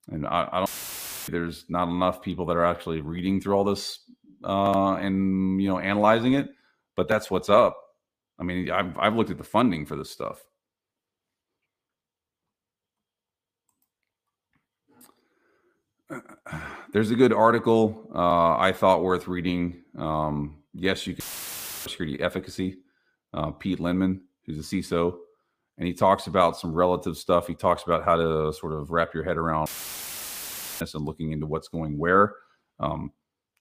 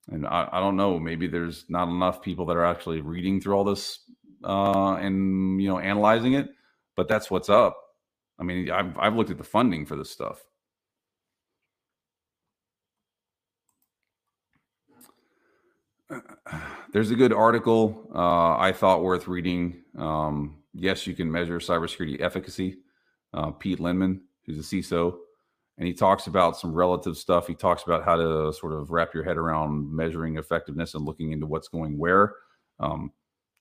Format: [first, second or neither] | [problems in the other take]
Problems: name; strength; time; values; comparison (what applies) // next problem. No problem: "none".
second | audio cutting out; filled with static; at 0.5 s for 0.5 s, at 21 s for 0.5 s and at 30 s for 1 s